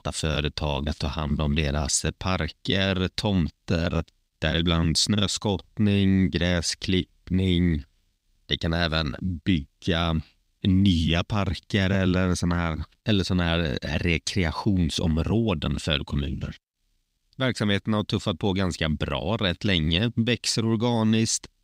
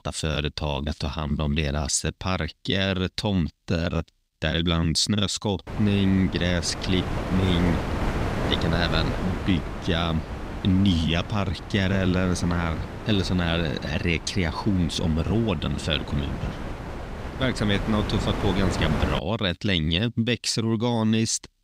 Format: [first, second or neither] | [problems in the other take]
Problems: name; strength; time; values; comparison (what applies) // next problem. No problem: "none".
first | wind noise on the microphone; heavy; from 5.5 to 19 s; 6 dB below the speech